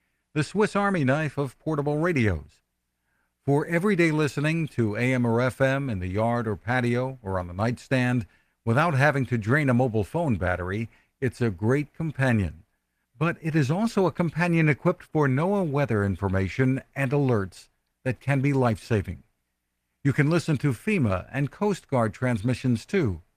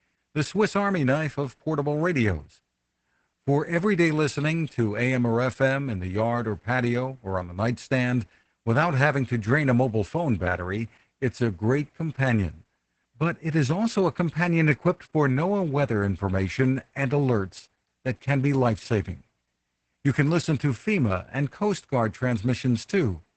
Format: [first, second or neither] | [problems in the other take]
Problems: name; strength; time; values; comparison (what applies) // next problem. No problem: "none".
first | garbled, watery; badly; nothing above 8 kHz; slightly in the first